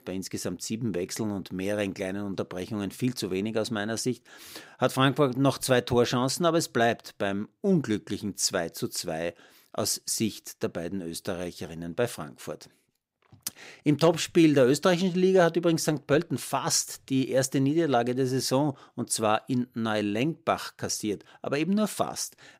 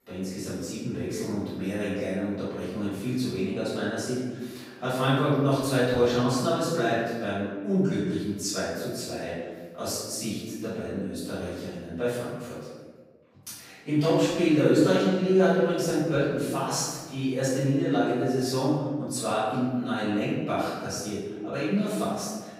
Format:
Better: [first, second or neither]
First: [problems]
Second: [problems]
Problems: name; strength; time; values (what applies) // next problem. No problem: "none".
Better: first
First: none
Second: off-mic speech; far // room echo; strong; dies away in 1.2 s